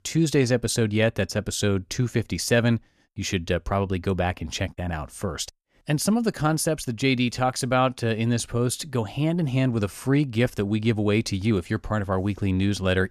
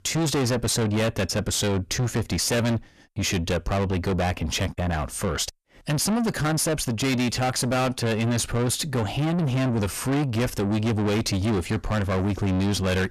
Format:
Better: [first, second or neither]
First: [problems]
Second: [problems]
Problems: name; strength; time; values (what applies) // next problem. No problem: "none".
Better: first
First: none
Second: distortion; heavy; 6 dB below the speech